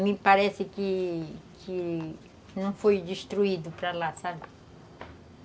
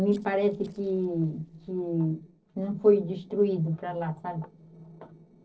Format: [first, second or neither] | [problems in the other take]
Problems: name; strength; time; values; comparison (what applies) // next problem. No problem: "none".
first | noise reduction (neural separator model SepFormer DNS4)